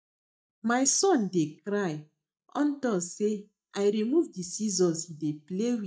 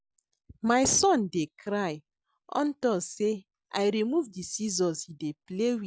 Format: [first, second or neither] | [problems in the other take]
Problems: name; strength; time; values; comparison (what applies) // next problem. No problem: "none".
second | noise reduction (neural mask model DeepFilterNet 3)